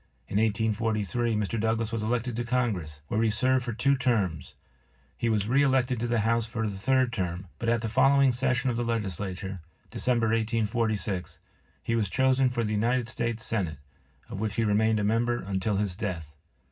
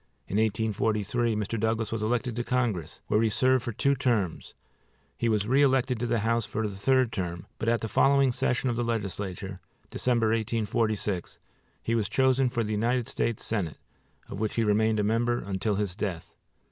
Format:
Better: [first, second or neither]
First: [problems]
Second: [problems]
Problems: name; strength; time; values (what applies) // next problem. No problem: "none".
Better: second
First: room echo; dies away in 0.4 s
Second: none